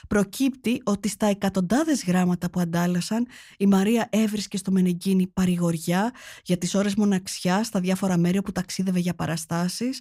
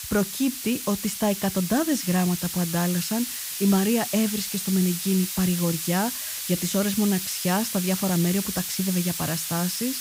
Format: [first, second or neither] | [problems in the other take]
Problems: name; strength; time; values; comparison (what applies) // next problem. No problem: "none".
first | hiss; loud; throughout; 4 dB below the speech